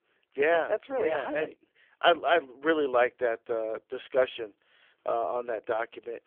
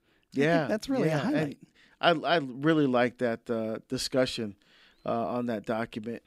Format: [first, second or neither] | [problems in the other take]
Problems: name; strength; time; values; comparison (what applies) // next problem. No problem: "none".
second | phone-call audio; poor line; nothing above 3.5 kHz